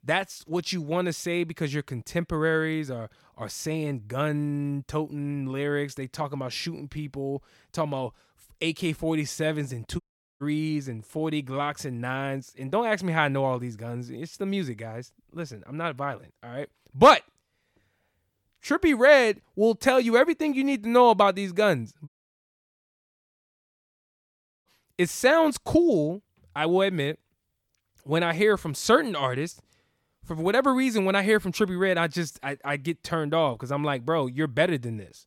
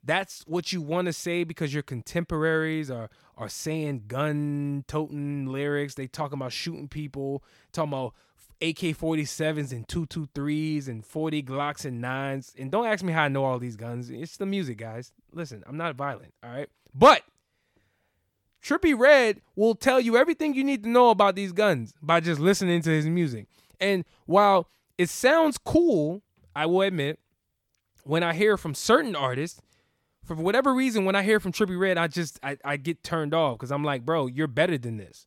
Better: second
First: audio cutting out; at 10 s and at 22 s for 2.5 s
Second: none

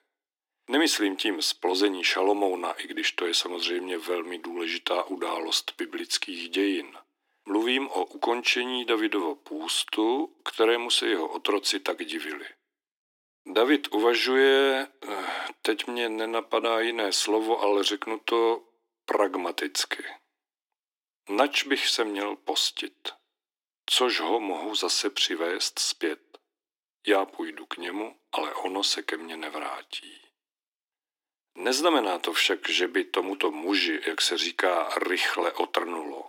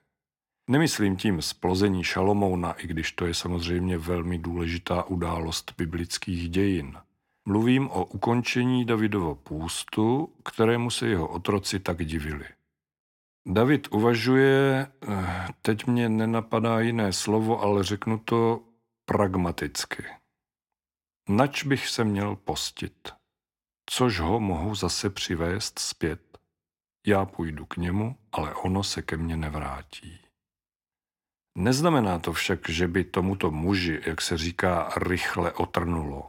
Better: second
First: thin; somewhat; fading below 300 Hz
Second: none

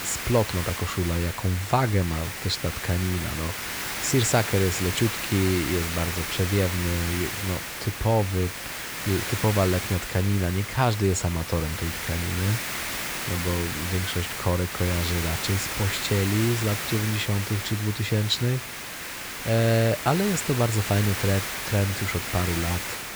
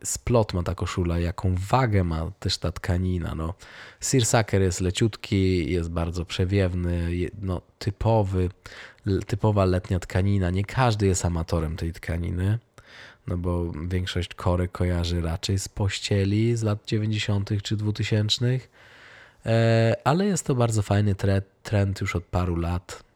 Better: second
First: hiss; loud; throughout; 4 dB below the speech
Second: none

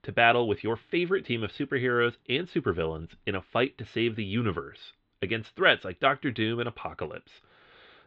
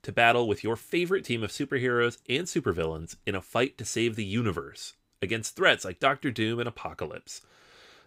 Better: second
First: muffled; very; fading above 3.5 kHz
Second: none

